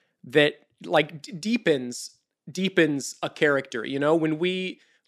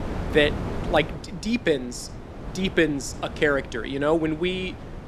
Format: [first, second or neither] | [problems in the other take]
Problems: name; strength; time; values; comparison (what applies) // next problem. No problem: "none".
first | wind noise on the microphone; occasional gusts; 15 dB below the speech